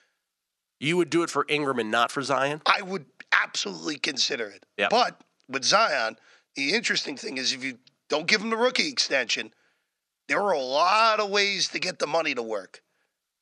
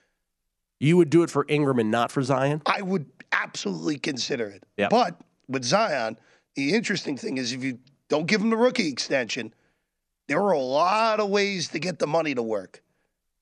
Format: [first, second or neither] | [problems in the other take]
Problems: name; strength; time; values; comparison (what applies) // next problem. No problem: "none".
second | thin; somewhat; fading below 600 Hz